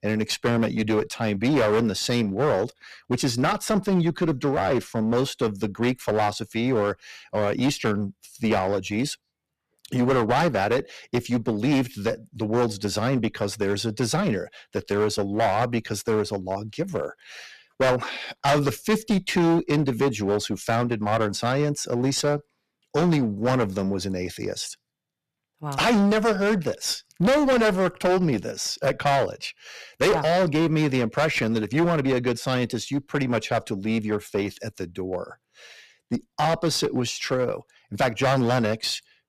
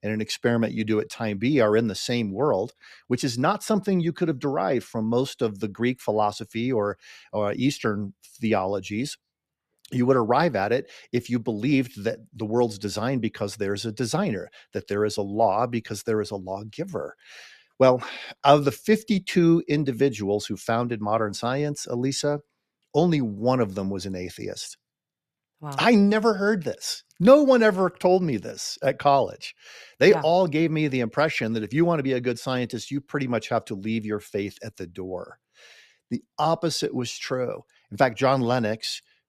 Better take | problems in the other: second | distortion; heavy; 13% of the sound clipped

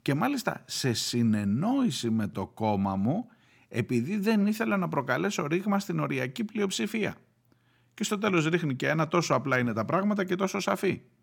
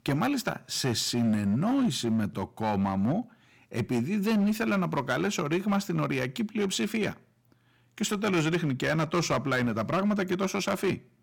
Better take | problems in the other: first | distortion; slight; 8% of the sound clipped

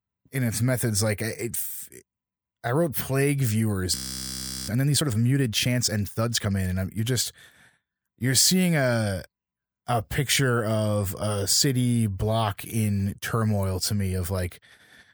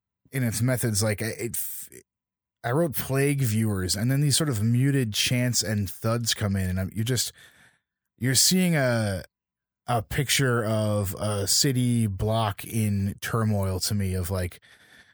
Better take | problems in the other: second | audio freezing; at 4 s for 0.5 s

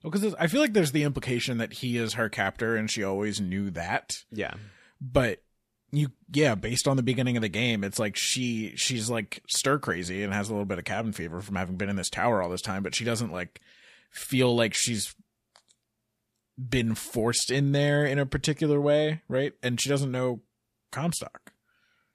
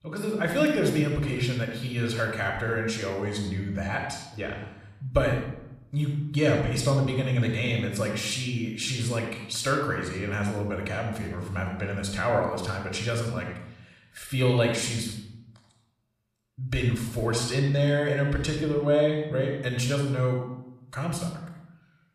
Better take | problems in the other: first | off-mic speech; somewhat distant // room echo; noticeable; dies away in 0.8 s

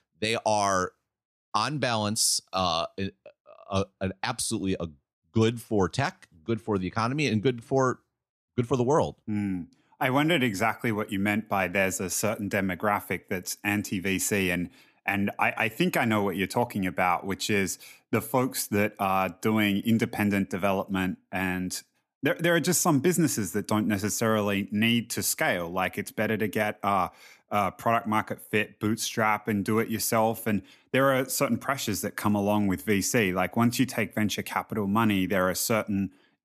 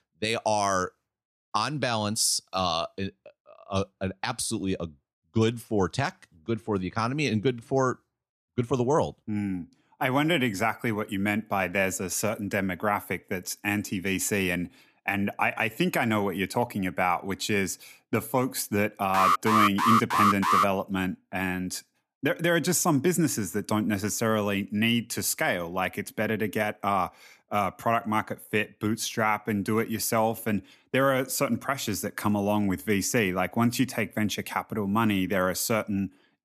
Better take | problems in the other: first | alarm; loud; from 19 to 21 s; peak 5 dB above the speech

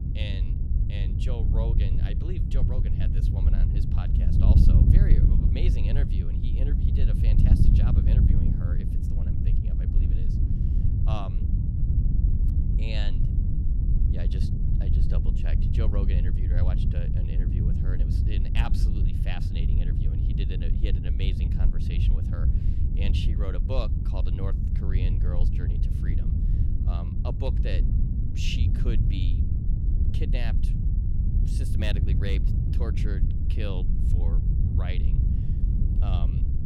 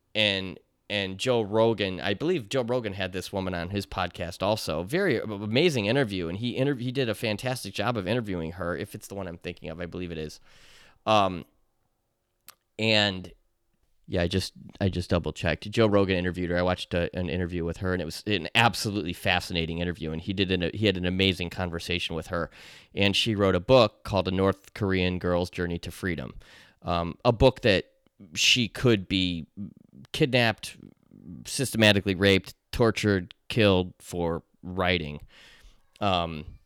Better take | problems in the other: second | wind noise on the microphone; heavy; as loud as the speech

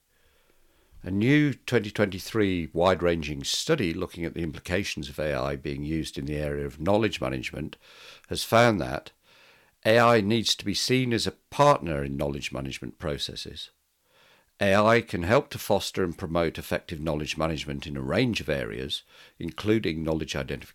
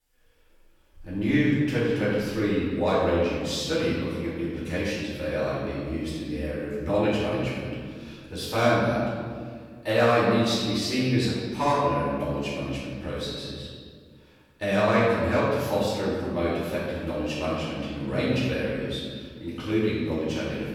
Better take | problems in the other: first | room echo; strong; dies away in 1.8 s // off-mic speech; far

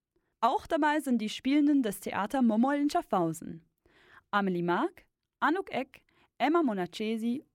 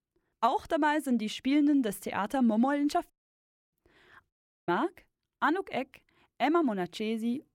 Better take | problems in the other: first | audio cutting out; at 3 s for 0.5 s and at 4.5 s

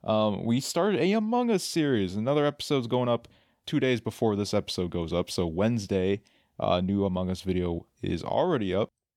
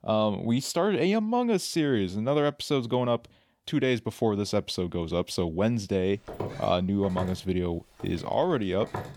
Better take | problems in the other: first | footsteps; noticeable; from 6.5 s on; peak 9 dB below the speech

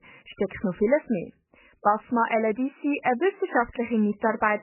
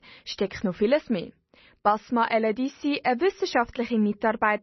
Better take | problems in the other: second | garbled, watery; badly; nothing above 3 kHz; slightly in the second

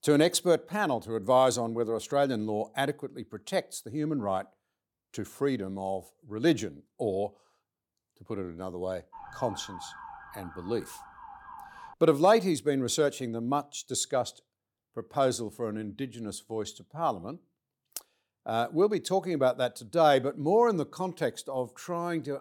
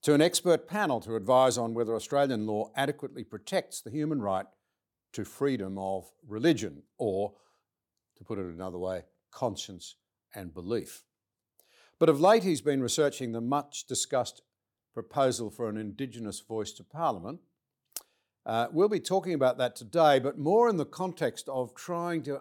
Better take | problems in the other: second | siren; faint; from 9 to 12 s; peak 15 dB below the speech

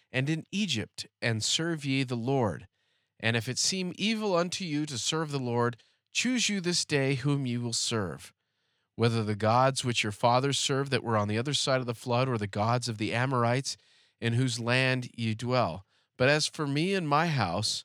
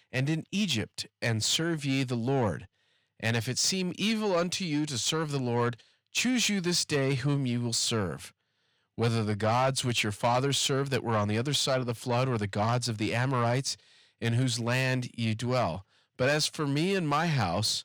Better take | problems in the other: first | distortion; slight; 10 dB below the speech

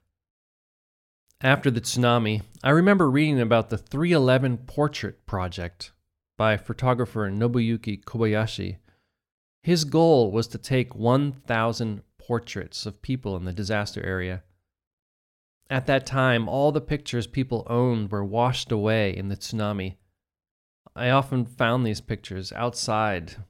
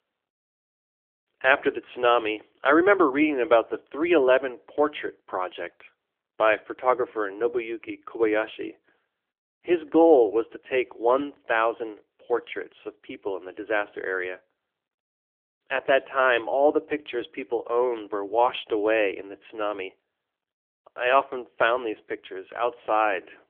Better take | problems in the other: first | phone-call audio; nothing above 3.5 kHz

